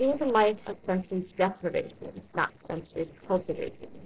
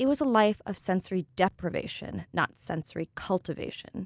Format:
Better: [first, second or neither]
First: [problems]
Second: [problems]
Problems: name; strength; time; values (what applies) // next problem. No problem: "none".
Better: second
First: noise reduction (neural separator model SepFormer DNS4)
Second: none